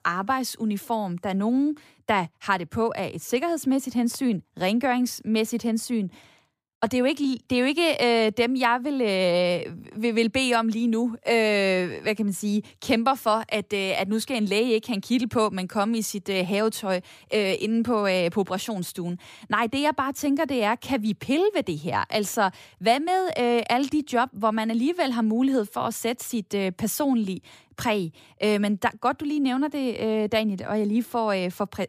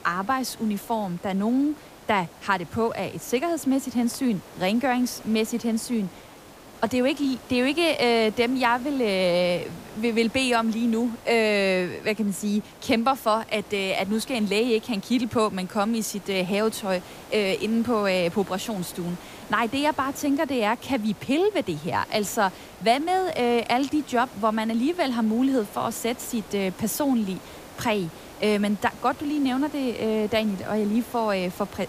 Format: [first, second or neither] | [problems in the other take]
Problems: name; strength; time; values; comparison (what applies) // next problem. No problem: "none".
first | hiss; noticeable; throughout; 20 dB below the speech